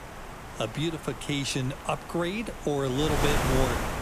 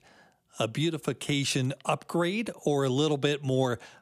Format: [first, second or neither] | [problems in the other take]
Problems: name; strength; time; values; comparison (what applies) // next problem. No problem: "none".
second | wind noise on the microphone; heavy; 3 dB below the speech